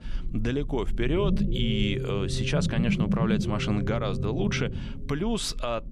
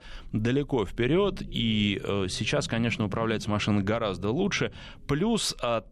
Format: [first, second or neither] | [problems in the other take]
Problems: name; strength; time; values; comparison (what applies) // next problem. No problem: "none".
second | low rumble; loud; throughout; 6 dB below the speech; faint in the second